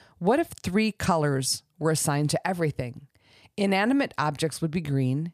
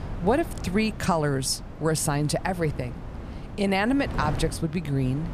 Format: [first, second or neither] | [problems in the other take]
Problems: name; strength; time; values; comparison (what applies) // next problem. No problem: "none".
first | wind noise on the microphone; occasional gusts; 15 dB below the speech